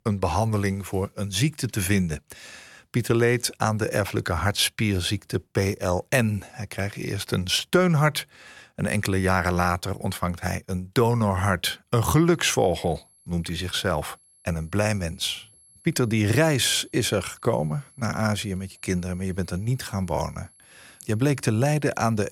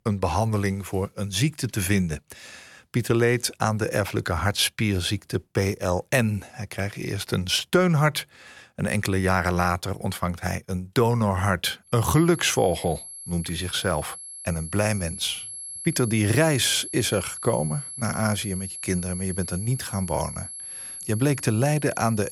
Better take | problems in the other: first | high-pitched whine; loud; from 12 s on; 11 kHz, 10 dB below the speech; faint in the first

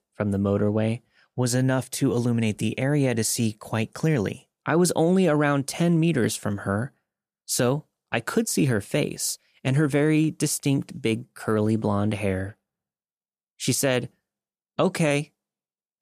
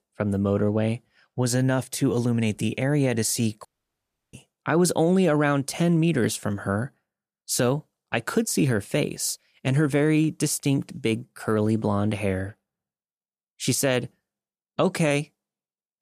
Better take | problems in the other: first | audio cutting out; at 3.5 s for 0.5 s

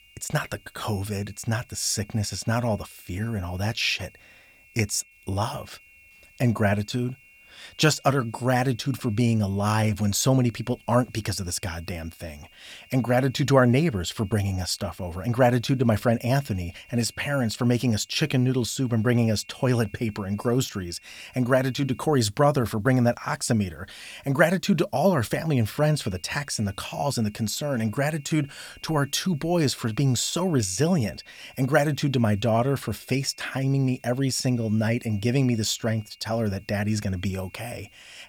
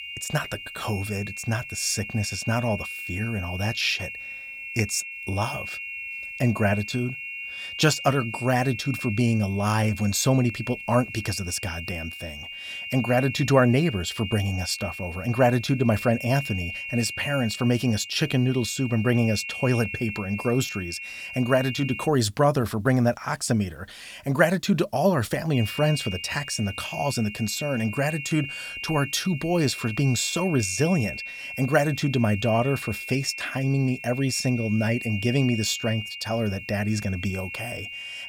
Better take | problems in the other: first | high-pitched whine; loud; until 22 s and from 26 s on; 2.5 kHz, 9 dB below the speech; faint in the first

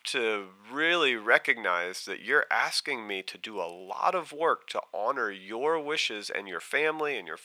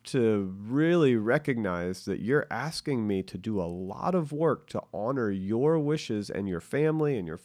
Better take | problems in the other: second | thin; very; fading below 800 Hz

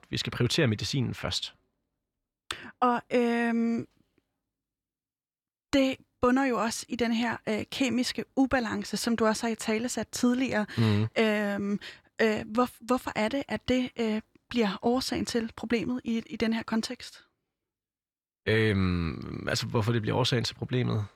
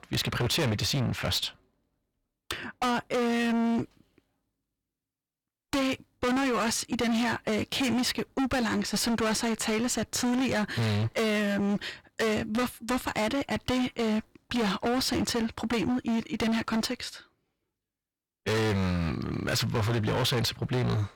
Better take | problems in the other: first | distortion; heavy; 25% of the sound clipped

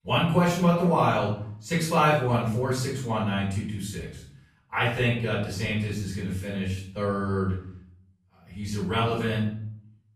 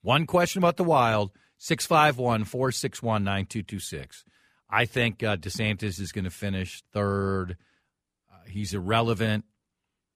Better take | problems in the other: second | off-mic speech; far // room echo; noticeable; dies away in 0.6 s

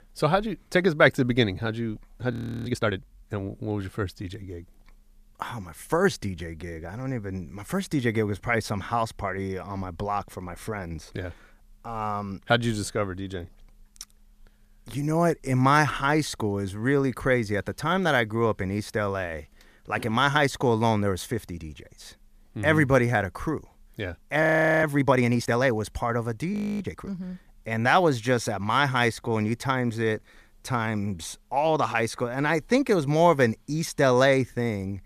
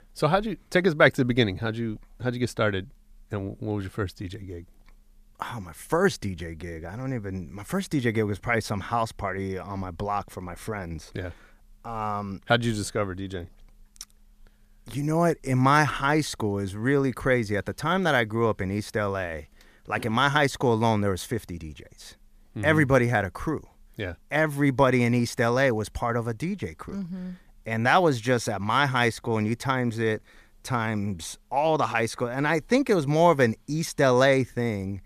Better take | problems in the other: second | audio freezing; at 2.5 s, at 24 s and at 27 s

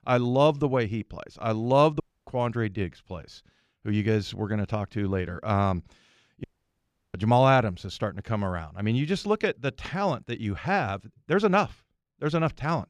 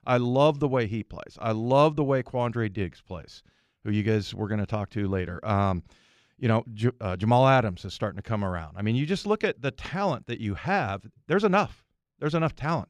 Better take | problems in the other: second | audio cutting out; at 2 s and at 6.5 s for 0.5 s

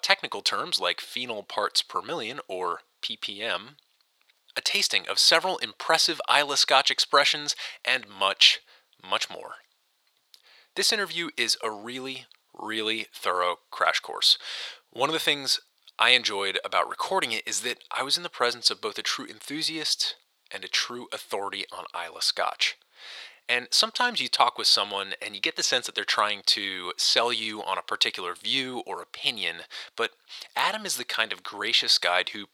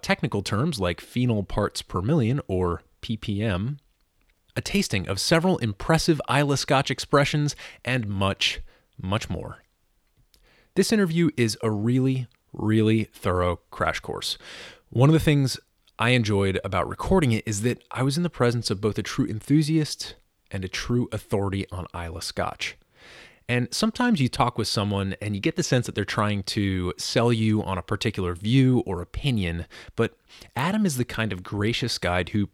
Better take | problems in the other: second | thin; very; fading below 800 Hz

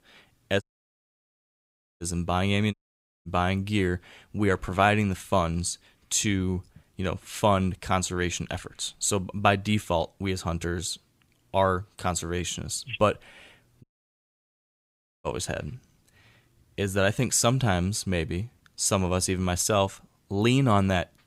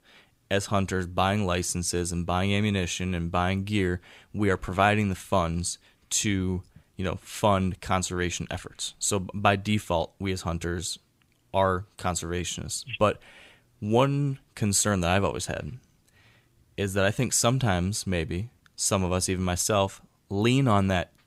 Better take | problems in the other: second | audio cutting out; at 0.5 s for 1.5 s, at 2.5 s for 0.5 s and at 14 s for 1.5 s

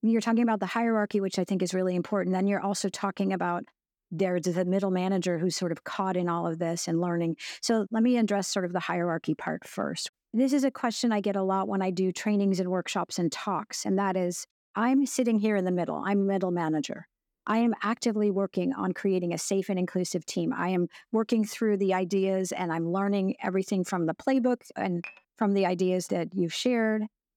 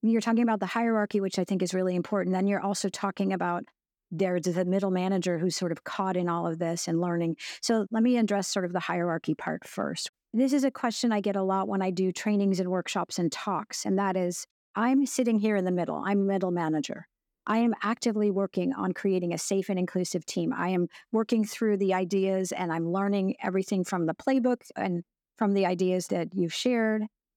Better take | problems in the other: second | clattering dishes; faint; at 25 s; peak 15 dB below the speech

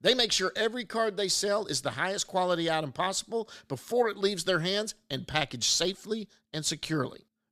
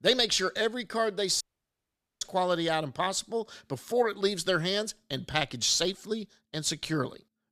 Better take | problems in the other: first | audio cutting out; at 1.5 s for 1 s

